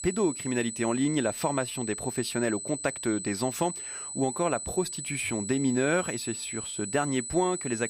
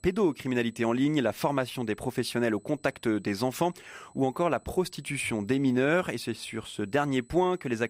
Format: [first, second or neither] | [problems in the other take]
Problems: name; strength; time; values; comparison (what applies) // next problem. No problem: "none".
second | high-pitched whine; loud; throughout; 8 kHz, 6 dB below the speech; faint in the second